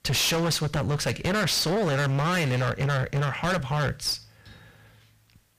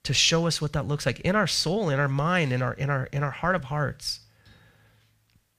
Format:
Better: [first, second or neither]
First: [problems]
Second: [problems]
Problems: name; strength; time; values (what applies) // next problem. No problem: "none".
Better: second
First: distortion; heavy; 30% of the sound clipped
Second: none